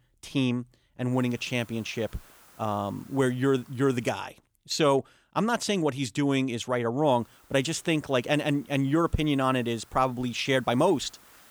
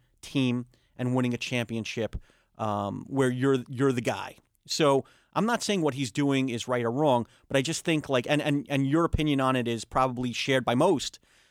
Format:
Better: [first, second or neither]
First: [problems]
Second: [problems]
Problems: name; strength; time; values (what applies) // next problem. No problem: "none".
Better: second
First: hiss; faint; from 1 to 4 s and from 7 s on; 30 dB below the speech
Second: none